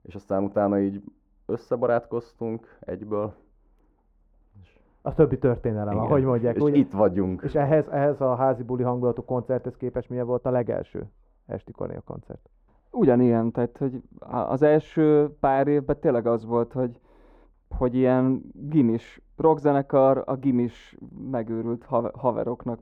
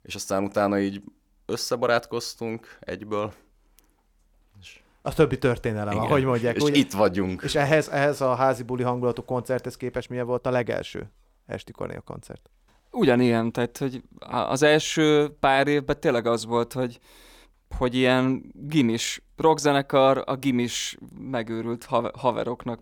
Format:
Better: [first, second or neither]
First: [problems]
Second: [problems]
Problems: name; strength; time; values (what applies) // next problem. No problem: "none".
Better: second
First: muffled; very; fading above 2.5 kHz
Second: none